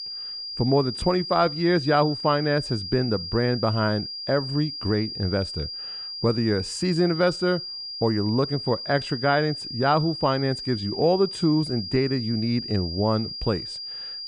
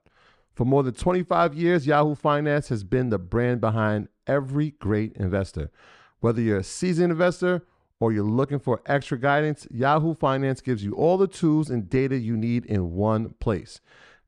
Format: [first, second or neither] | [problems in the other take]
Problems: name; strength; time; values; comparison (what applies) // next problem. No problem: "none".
second | high-pitched whine; loud; throughout; 5 kHz, 7 dB below the speech